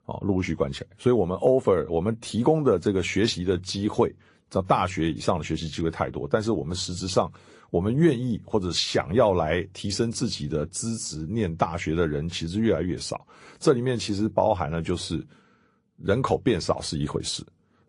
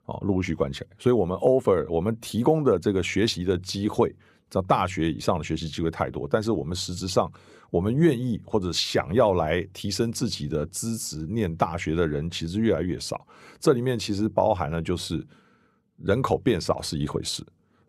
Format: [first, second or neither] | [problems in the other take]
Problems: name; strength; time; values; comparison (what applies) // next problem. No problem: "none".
second | garbled, watery; slightly; nothing above 10.5 kHz